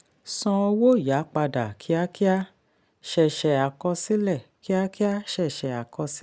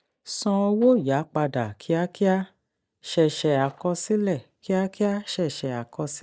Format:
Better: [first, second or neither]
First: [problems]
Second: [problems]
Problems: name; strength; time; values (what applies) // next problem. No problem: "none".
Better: first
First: none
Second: noise reduction (neural mask model DeepFilterNet 3)